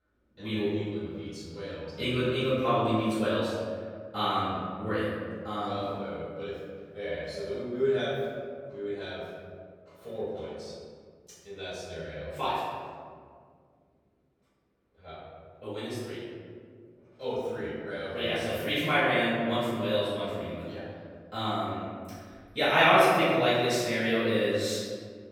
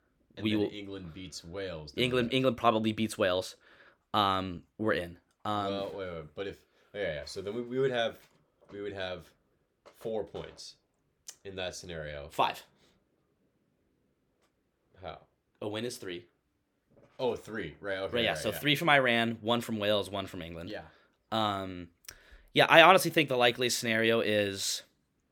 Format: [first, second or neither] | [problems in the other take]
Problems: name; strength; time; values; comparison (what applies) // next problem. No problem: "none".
second | off-mic speech; far // room echo; strong; dies away in 1.9 s